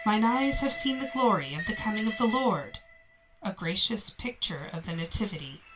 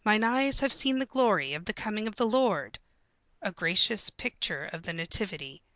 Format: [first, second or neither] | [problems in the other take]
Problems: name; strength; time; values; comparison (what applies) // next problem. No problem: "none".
second | background sound (Train); 12 dB below the speech // room echo; dies away in 0.2 s